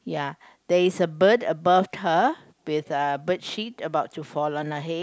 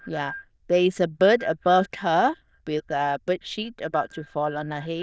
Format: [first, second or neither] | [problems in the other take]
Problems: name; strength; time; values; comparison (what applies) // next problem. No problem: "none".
first | noise reduction (neural diffusion model UNIVERSE++)